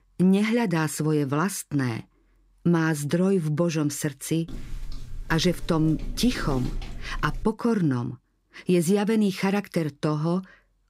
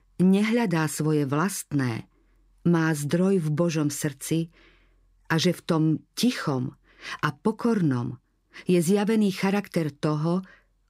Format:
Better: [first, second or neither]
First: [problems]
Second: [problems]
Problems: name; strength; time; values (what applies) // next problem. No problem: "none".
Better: second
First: footsteps; noticeable; from 4.5 to 7.5 s; peak 10 dB below the speech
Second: none